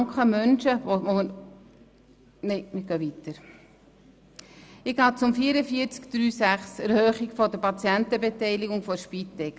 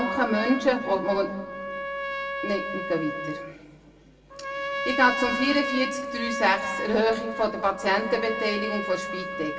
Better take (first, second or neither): first